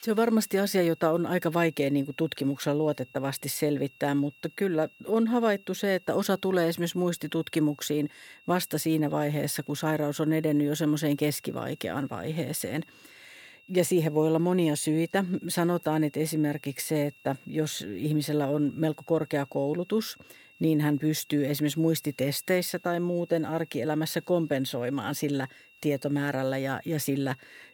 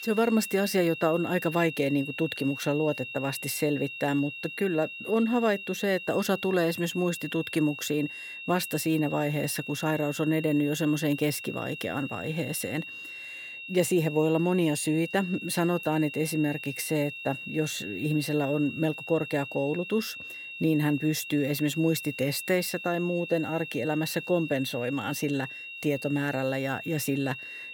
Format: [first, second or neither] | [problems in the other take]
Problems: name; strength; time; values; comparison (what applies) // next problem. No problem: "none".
first | high-pitched whine; loud; throughout; 2.5 kHz, 9 dB below the speech; faint in the first